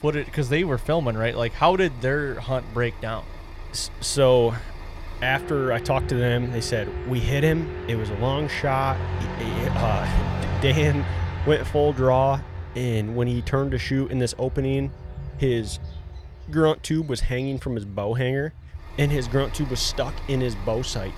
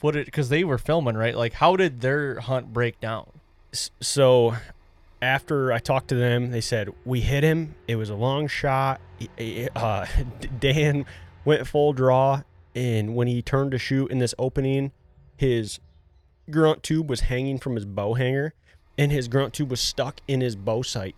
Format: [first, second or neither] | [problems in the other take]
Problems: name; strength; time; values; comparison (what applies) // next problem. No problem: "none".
second | traffic noise; loud; throughout; 9 dB below the speech; faint in the second